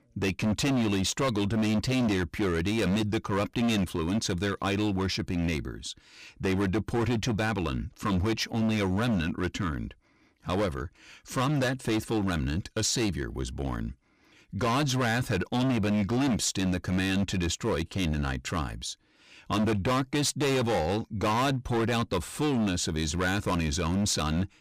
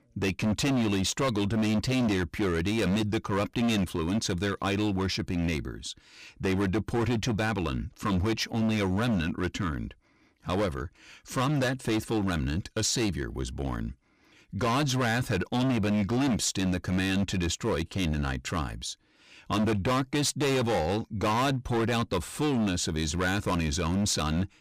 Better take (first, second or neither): neither